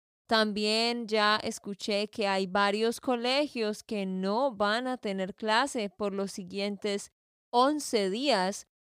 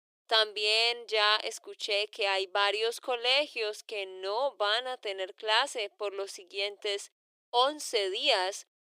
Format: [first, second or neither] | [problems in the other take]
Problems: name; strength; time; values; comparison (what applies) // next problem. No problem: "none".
first | thin; very; fading below 350 Hz